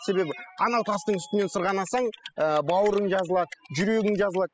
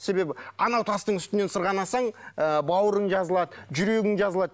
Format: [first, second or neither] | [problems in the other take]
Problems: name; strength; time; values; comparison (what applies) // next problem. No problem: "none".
second | noise reduction (classical method spectral subtraction)